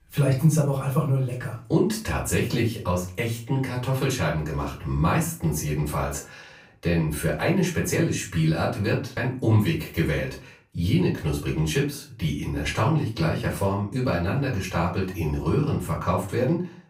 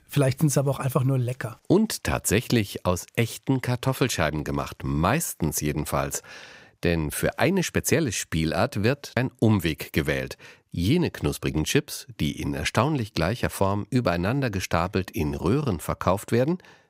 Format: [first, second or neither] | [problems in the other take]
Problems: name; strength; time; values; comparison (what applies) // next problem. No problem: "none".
second | off-mic speech; far // room echo; slight; dies away in 0.3 s